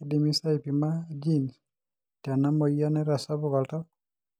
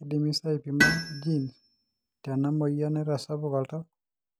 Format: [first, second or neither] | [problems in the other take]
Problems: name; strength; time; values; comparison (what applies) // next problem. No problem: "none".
first | background sound (Tools); 3 dB below the speech